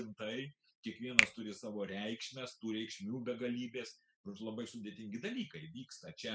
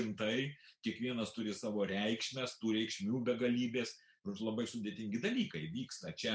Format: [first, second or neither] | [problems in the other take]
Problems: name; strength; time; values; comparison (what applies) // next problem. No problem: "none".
second | noise reduction (classical method spectral subtraction)